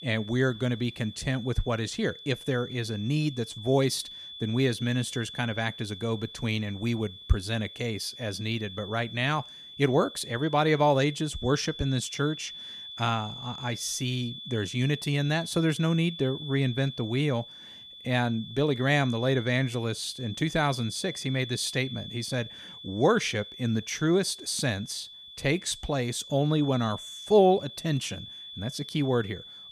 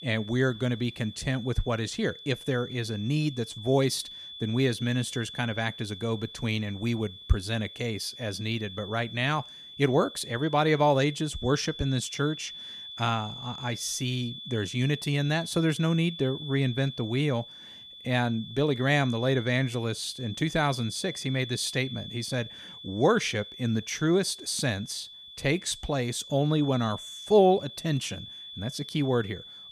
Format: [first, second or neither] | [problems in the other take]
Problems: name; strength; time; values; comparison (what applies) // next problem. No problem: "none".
neither | high-pitched whine; noticeable; throughout; 3.5 kHz, 15 dB below the speech; the same in both